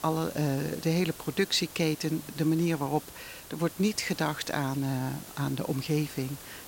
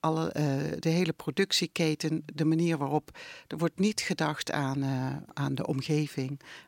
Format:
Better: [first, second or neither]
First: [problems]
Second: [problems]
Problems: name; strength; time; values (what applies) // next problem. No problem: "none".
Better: second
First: hiss; noticeable; throughout; 15 dB below the speech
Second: none